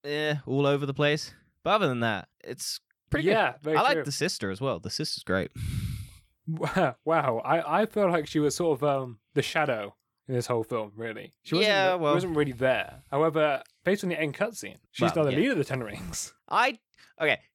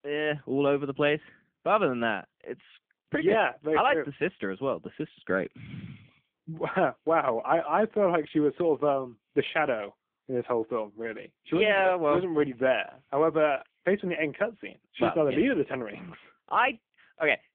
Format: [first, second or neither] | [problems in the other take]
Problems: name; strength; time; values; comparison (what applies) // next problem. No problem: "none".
first | phone-call audio